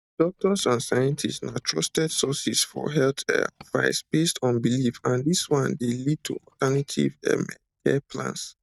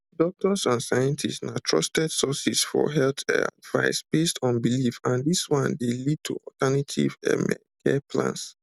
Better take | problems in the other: second | noise reduction (neural mask model DeepFilterNet 3)

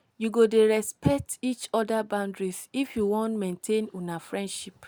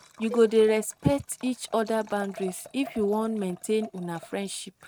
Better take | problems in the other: first | noise reduction (neural mask model RNNoise)

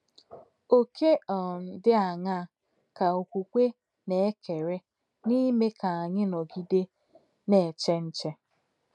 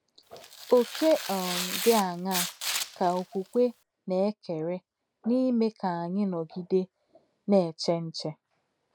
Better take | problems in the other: first | background sound (Tearing); 7 dB below the speech

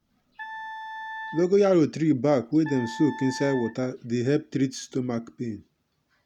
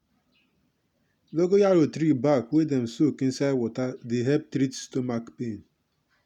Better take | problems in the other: second | background sound (Wind instrument, woodwind instrument); 13 dB below the speech

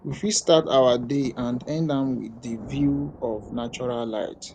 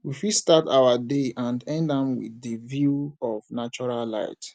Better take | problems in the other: second | background sound (Thunder); 17 dB below the speech

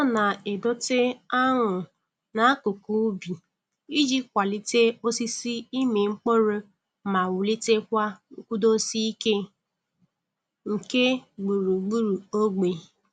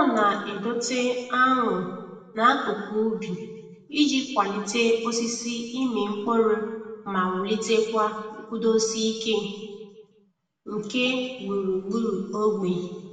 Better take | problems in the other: first | room echo; dies away in 1.2 s

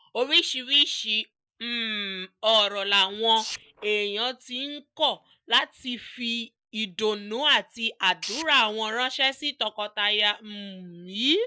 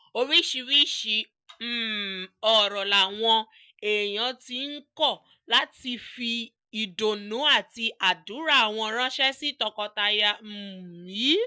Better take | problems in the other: second | noise reduction (neural mask model Resemble Enhance denoiser)

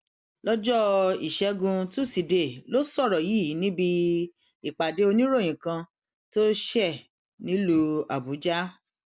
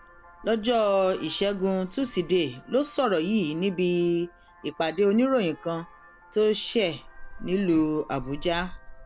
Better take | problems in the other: first | background sound (Vehicle horn, car horn, honking); 19 dB below the speech

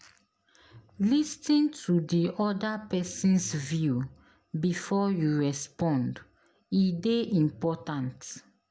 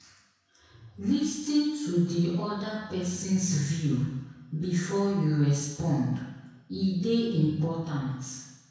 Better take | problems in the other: first | room echo; dies away in 1.1 s

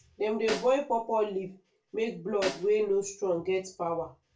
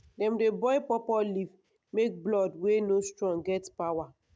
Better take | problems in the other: second | background sound (Snare drum); 12 dB below the speech // room echo; dies away in 0.3 s

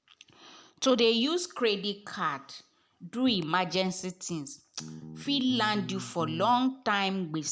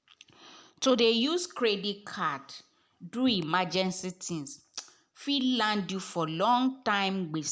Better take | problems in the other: second | background sound (Bass guitar); 11 dB below the speech

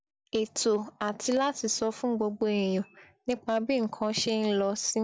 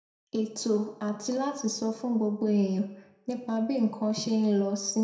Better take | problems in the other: first | room echo; dies away in 0.6 s

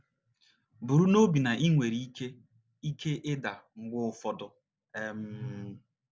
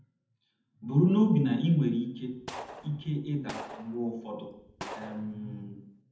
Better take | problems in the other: first | background sound (Gunshot, gunfire); 15 dB below the speech // room echo; dies away in 0.8 s

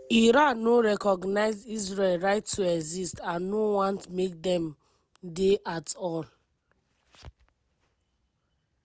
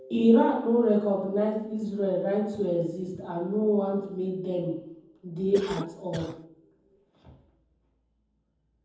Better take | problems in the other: first | background sound (Cough); 12 dB below the speech // room echo; dies away in 0.9 s

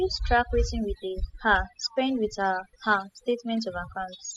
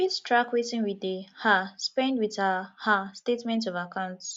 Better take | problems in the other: second | noise reduction (classical method spectral subtraction)

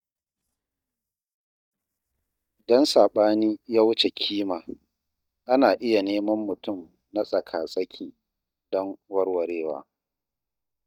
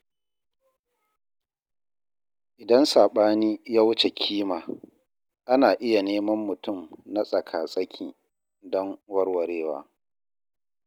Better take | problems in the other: second | noise reduction (neural mask model DeepFilterNet 3)

